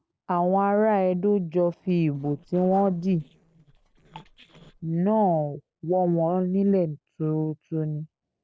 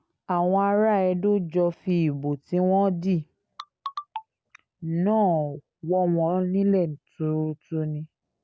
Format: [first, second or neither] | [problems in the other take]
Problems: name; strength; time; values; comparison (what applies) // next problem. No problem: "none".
second | noise reduction (neural separator model SepFormer DNS4)